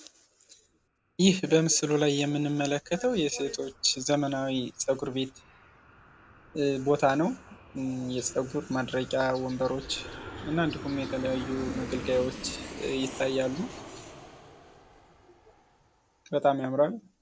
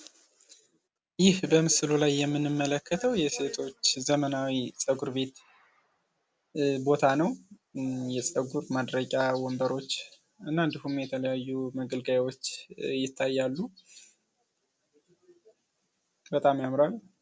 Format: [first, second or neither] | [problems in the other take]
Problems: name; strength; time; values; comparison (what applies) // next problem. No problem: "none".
second | background sound (Aircraft); 15 dB below the speech